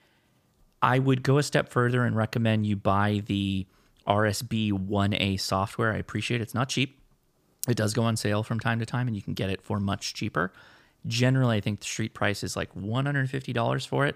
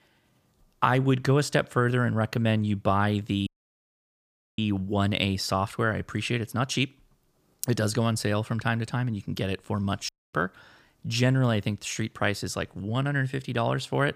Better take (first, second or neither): first